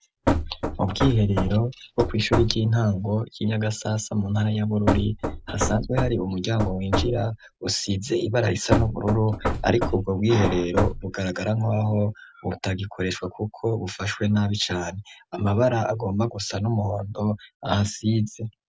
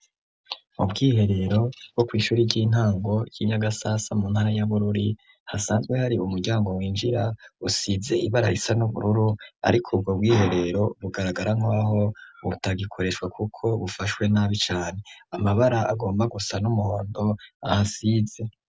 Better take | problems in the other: second | background sound (Knock / Wood); 3 dB below the speech

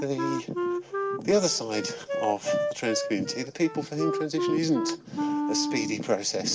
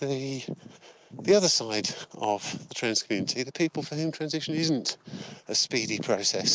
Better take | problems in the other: second | background sound (Wind instrument, woodwind instrument); 2 dB below the speech // room echo; dies away in 2.4 s

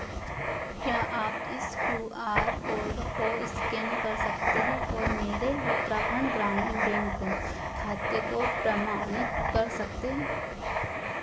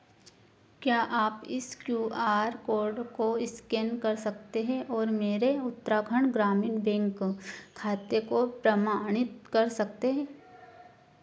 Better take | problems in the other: second | background sound (Writing); 3 dB above the speech // room echo; dies away in 0.3 s

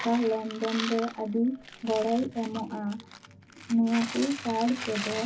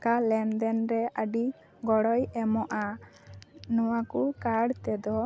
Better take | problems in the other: second | background sound (Coin (dropping)); 11 dB below the speech // room echo; dies away in 0.3 s

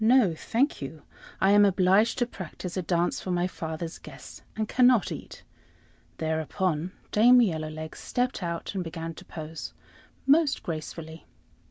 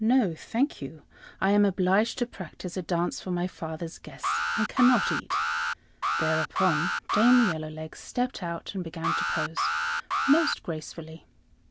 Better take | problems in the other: first | background sound (Alarm); 1 dB below the speech

